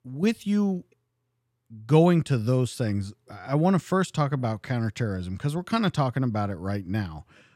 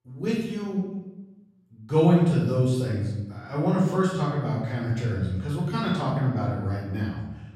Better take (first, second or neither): first